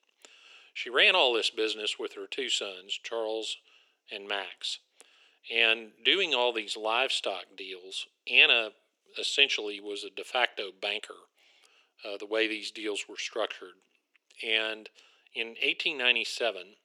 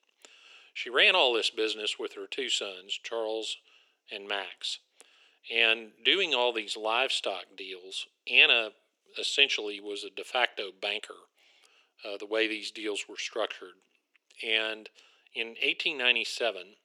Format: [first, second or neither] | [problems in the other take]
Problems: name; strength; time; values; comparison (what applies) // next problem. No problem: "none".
neither | thin; very; fading below 350 Hz; the same in both